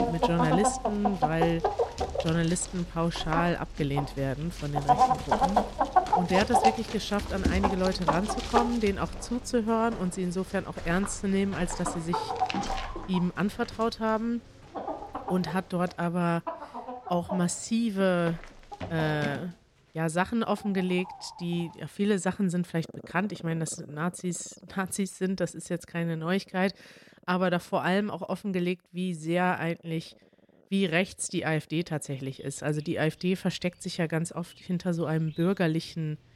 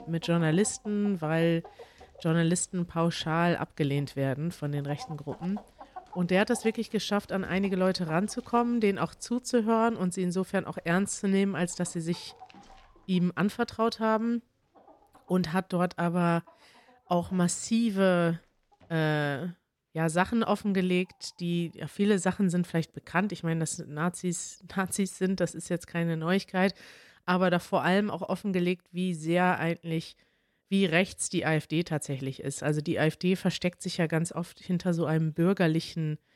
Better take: second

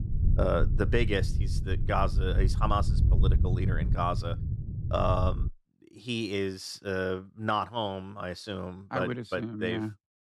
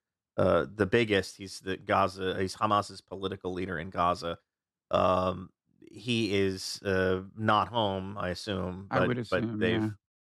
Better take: second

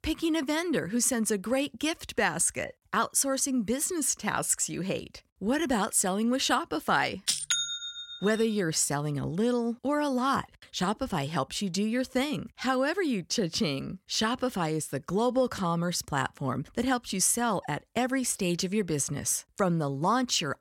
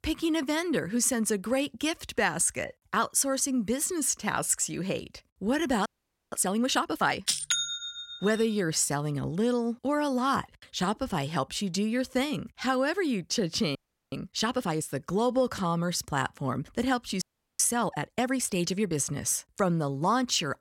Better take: first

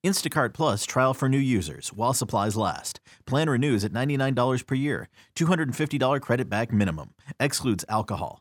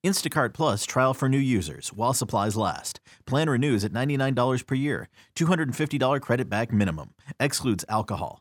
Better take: neither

